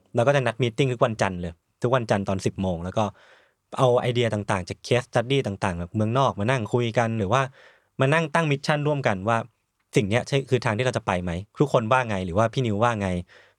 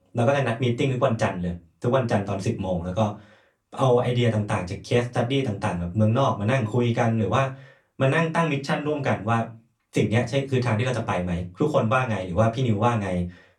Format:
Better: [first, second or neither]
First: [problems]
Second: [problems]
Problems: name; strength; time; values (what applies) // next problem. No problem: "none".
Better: first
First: none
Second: off-mic speech; far // room echo; very slight; dies away in 0.2 s